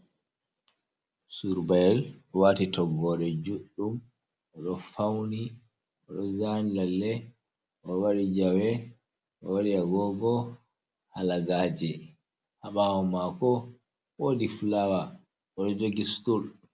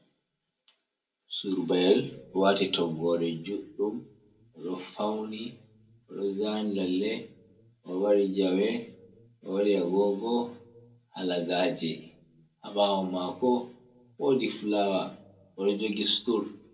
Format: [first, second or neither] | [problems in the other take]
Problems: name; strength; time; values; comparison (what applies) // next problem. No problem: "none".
first | room echo; dies away in 0.2 s